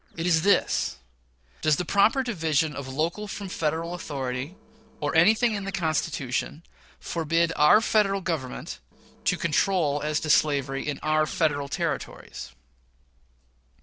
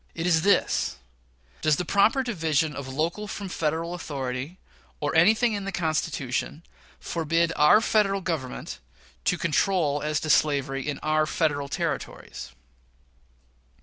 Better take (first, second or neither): second